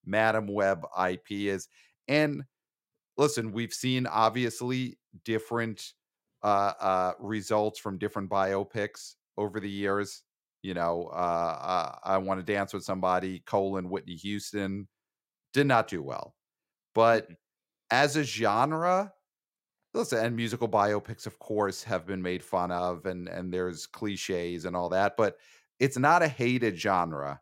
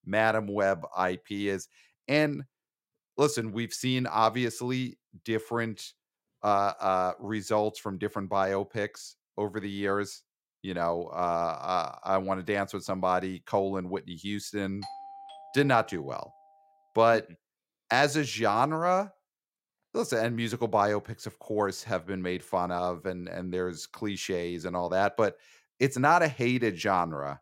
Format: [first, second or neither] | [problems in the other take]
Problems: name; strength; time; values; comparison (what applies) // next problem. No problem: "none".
first | doorbell; faint; from 15 to 16 s; peak 15 dB below the speech